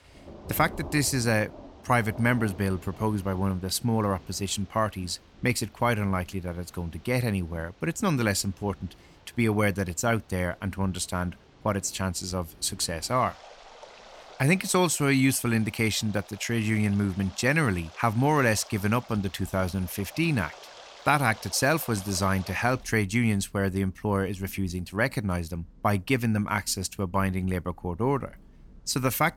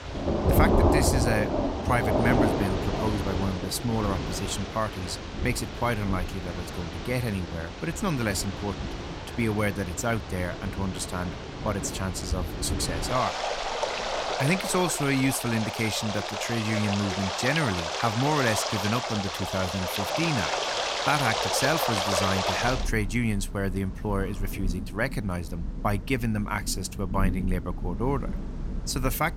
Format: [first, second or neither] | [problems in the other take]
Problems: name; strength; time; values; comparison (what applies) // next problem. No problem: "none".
first | rain or running water; loud; throughout; 1 dB below the speech; faint in the first